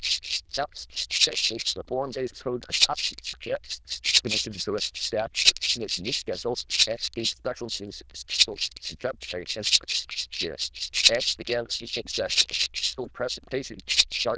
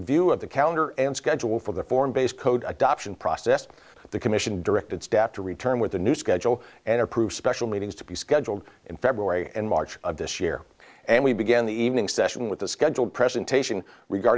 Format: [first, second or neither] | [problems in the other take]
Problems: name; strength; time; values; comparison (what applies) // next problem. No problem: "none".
second | noise reduction (neural diffusion model UNIVERSE++)